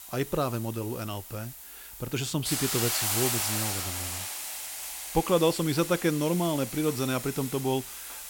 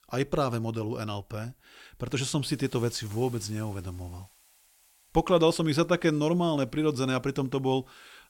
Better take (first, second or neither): second